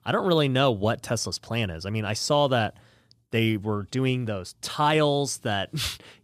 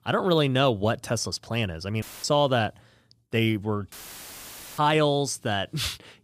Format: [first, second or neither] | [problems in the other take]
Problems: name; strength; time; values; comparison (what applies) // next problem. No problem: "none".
first | audio cutting out; filled with static; at 2 s and at 4 s for 1 s